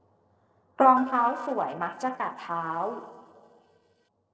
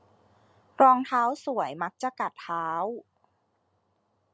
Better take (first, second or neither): second